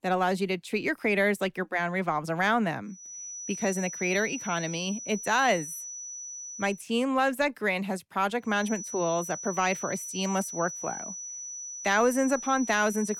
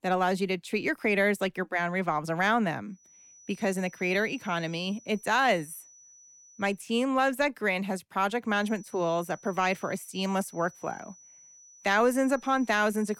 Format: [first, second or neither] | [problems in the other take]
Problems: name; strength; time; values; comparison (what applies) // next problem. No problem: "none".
second | high-pitched whine; loud; from 3 to 6.5 s and from 8.5 s on; 6 kHz, 9 dB below the speech; faint in the second